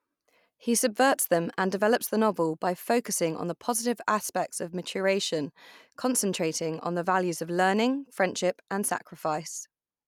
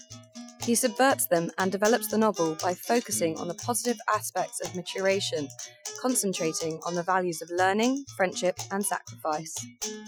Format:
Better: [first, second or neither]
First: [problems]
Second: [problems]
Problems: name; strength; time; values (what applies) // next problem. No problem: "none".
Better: first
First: none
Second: noise reduction (classical method Wiener filter)